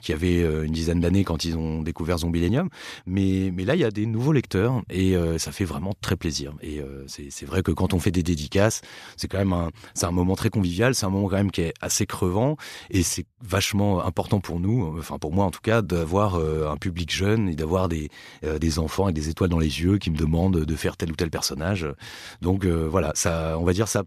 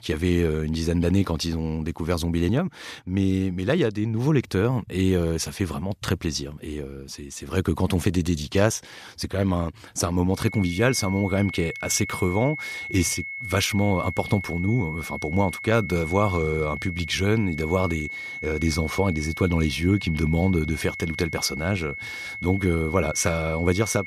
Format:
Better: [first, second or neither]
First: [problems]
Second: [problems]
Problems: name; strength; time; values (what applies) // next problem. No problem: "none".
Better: first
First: none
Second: high-pitched whine; loud; from 10 s on; 2 kHz, 8 dB below the speech